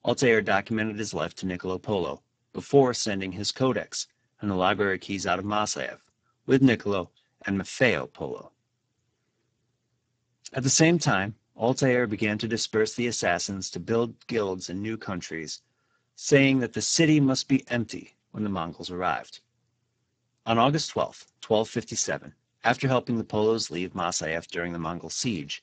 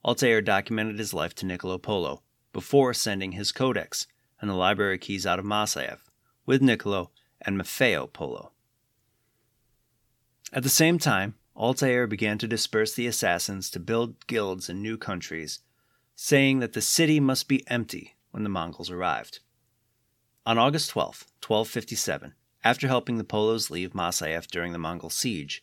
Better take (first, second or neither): second